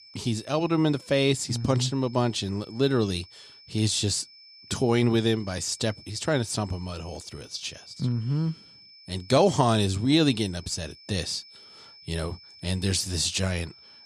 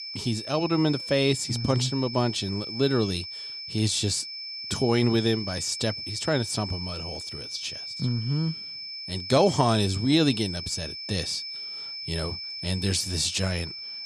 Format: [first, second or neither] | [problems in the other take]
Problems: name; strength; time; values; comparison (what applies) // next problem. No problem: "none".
first | high-pitched whine; loud; throughout; 5.5 kHz, 7 dB below the speech; faint in the first